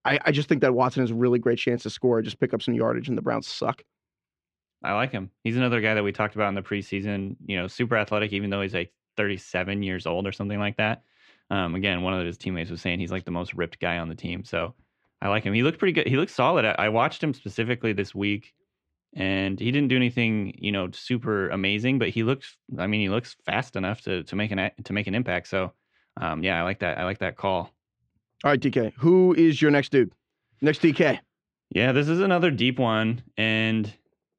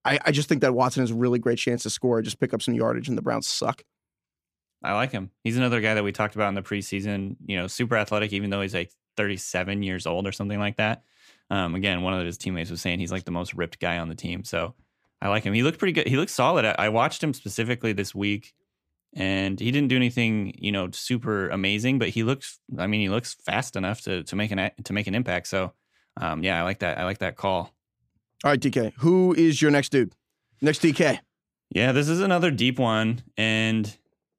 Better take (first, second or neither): second